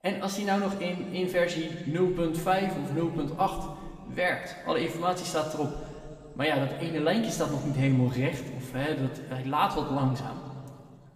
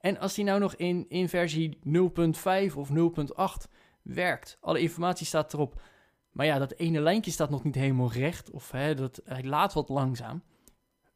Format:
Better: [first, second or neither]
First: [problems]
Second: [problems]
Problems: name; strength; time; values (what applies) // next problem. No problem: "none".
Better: second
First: room echo; slight; dies away in 1.9 s // off-mic speech; somewhat distant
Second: none